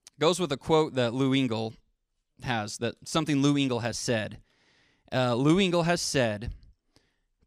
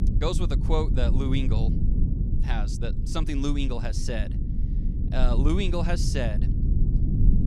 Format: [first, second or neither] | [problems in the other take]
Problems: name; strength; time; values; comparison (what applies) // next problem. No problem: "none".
first | low rumble; loud; throughout; 8 dB below the speech